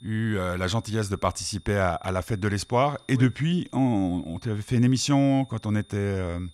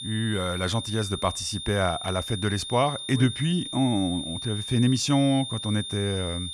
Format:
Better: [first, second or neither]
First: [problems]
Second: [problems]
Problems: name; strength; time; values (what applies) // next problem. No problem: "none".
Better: first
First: high-pitched whine; faint; throughout; 3.5 kHz, 30 dB below the speech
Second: high-pitched whine; loud; throughout; 3.5 kHz, 7 dB below the speech